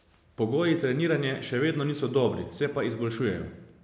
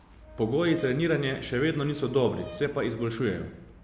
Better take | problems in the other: first | background sound (Traffic noise, roadway noise + Brass instrument); 19 dB below the speech

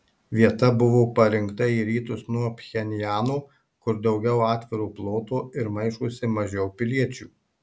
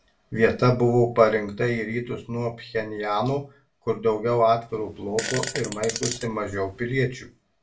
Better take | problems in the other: first | background sound (Fart); 10 dB below the speech // room echo; dies away in 0.2 s

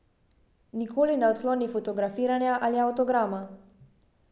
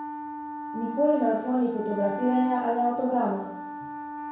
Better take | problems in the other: first | background sound (Wind instrument, woodwind instrument); 9 dB below the speech // room echo; dies away in 0.6 s

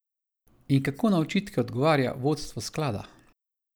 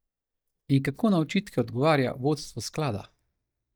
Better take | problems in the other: first | noise reduction (neural mask model DeepFilterNet 3)

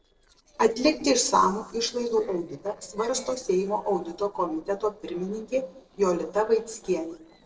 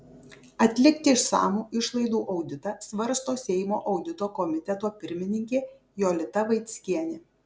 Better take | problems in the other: second | noise reduction (neural separator model SepFormer DNS4)

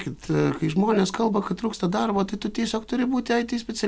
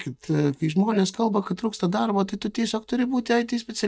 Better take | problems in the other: first | noise reduction (neural mask model DeepFilterNet 3)

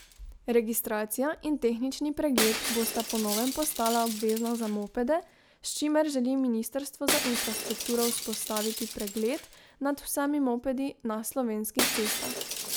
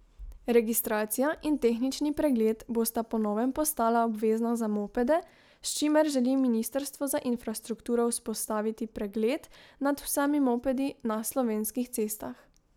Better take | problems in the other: second | background sound (Shatter); 6 dB below the speech

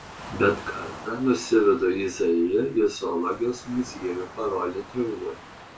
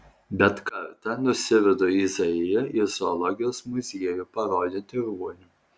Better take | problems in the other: second | background sound (Waves, surf); 17 dB below the speech // room echo; dies away in 0.2 s

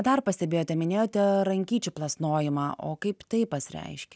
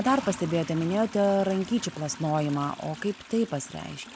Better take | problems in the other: first | background sound (Toilet flush); 16 dB below the speech

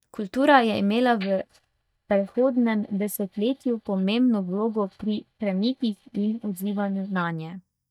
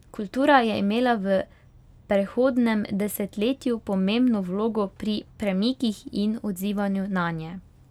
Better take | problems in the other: second | noise reduction (neural mask model DeepFilterNet 3)

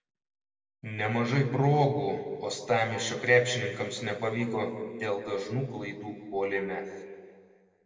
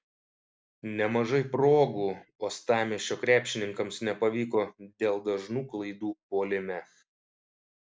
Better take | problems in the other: second | room echo; dies away in 1.9 s

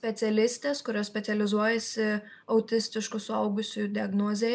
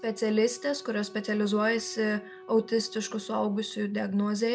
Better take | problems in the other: first | background sound (Wind instrument, woodwind instrument); 20 dB below the speech

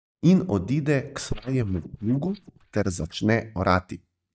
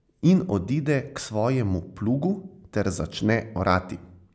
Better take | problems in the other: second | noise reduction (neural mask model DeepFilterNet 3)

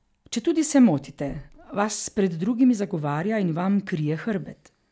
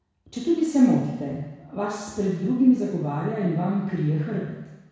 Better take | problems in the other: first | room echo; dies away in 1.1 s

